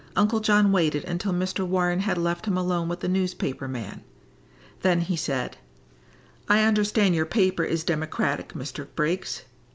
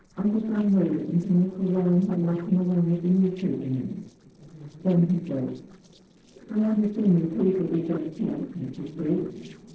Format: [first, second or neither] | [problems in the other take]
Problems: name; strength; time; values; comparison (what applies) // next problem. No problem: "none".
first | noise reduction (neural separator model SepFormer DNS4)